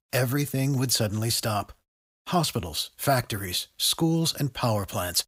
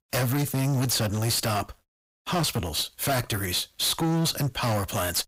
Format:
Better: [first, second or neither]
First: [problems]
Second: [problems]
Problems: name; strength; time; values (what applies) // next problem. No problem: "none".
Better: first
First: none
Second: distortion; heavy; 24% of the sound clipped